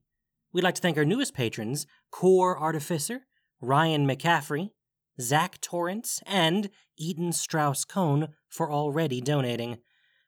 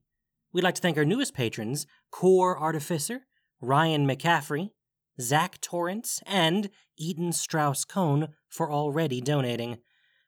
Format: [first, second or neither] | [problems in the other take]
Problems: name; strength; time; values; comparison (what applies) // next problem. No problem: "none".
neither | none